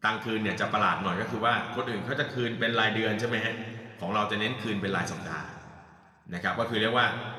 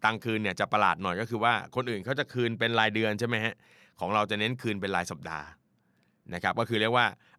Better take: second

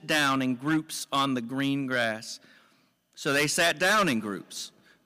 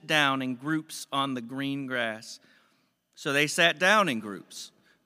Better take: second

